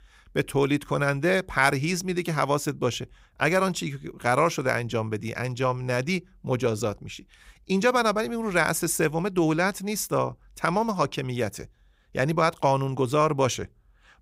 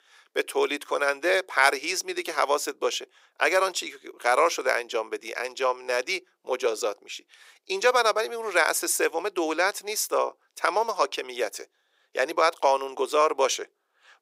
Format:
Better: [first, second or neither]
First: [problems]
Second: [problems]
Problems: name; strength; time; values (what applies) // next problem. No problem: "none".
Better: first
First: none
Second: thin; very; fading below 400 Hz